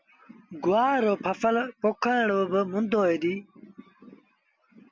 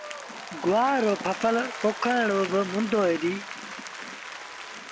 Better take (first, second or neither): first